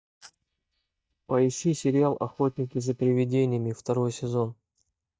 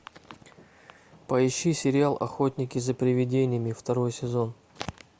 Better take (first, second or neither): second